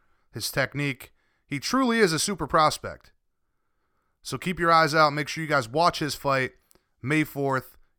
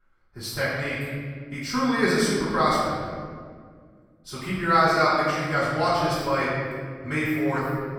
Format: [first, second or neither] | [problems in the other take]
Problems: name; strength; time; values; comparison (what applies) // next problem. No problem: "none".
first | room echo; strong; dies away in 1.9 s // off-mic speech; far